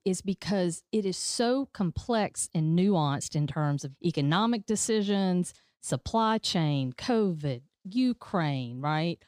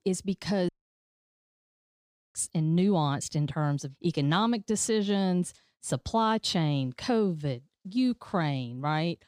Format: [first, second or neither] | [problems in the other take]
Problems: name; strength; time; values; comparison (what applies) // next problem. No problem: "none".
first | audio cutting out; at 0.5 s for 1.5 s